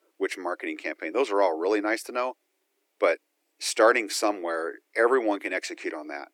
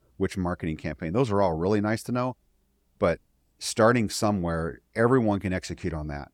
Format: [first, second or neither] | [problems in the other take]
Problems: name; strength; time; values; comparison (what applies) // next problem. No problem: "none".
second | thin; very; fading below 300 Hz